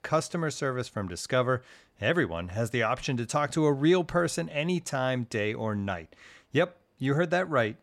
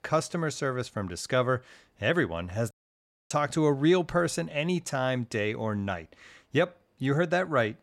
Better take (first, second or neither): first